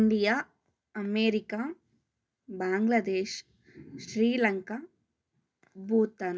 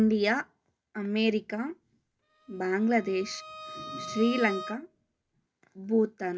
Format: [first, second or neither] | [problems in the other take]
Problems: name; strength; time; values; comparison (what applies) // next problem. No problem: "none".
first | background sound (Bowed string instrument); 13 dB below the speech